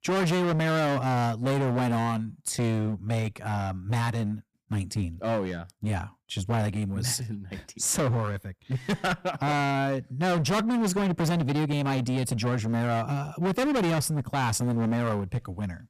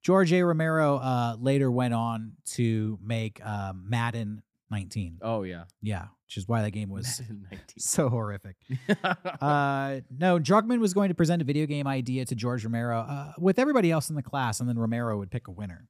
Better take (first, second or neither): second